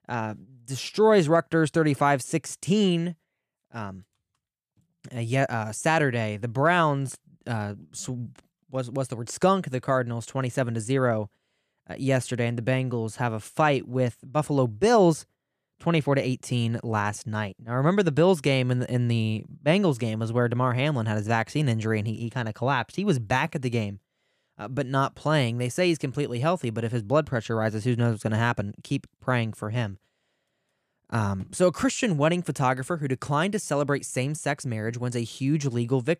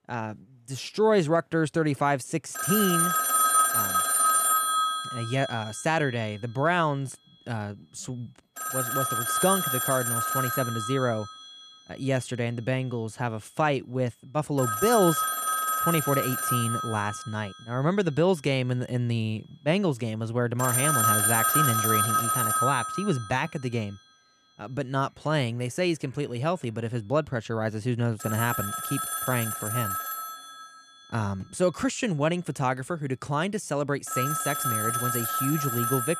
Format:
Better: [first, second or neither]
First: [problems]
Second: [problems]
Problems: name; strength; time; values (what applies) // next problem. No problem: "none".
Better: first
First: none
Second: alarms or sirens; very loud; throughout; 3 dB above the speech